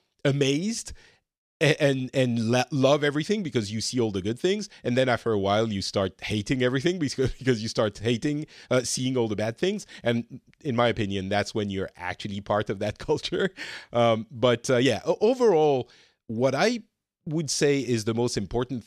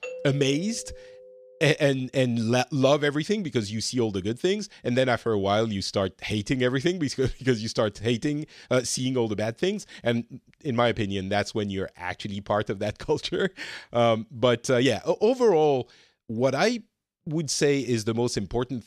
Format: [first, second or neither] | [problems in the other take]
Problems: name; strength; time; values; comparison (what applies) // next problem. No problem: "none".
first | doorbell; faint; until 1.5 s; peak 10 dB below the speech